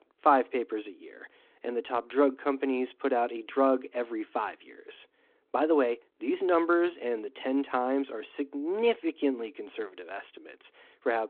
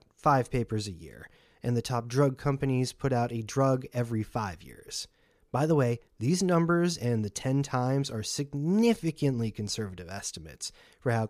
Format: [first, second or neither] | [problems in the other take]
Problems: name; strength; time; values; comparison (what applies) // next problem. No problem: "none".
second | phone-call audio